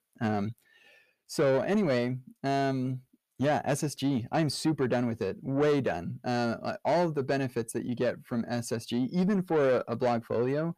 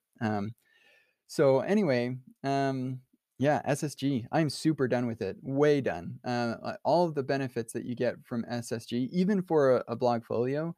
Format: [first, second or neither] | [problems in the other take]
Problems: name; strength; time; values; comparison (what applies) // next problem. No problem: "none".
second | distortion; slight; 10 dB below the speech